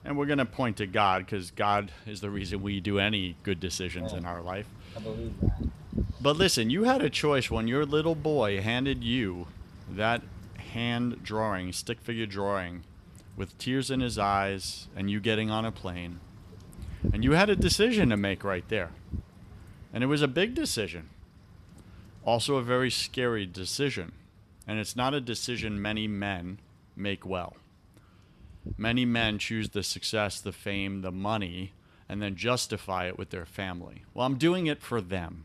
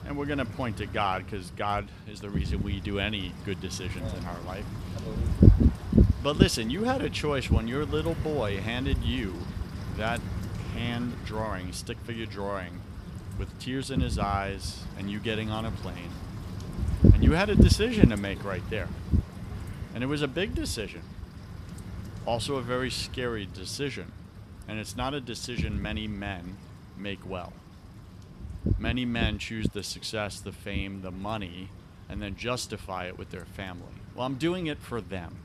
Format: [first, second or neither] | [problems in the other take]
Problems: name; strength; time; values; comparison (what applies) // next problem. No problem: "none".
first | wind noise on the microphone; heavy; 6 dB below the speech; occasional gusts in the first